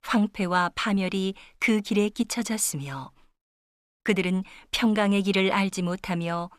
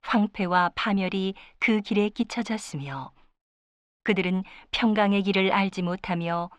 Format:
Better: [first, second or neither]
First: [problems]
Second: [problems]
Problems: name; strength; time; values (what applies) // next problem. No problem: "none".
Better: first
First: none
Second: muffled; slightly; fading above 3.5 kHz